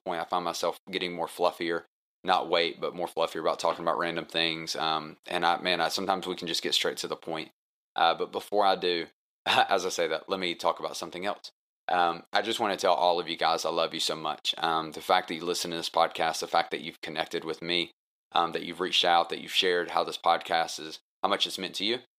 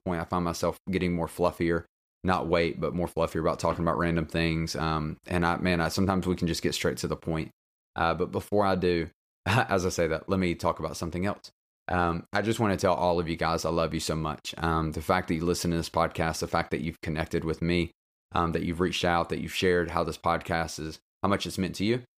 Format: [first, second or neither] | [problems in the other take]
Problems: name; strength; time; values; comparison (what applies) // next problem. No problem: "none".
second | thin; somewhat; fading below 350 Hz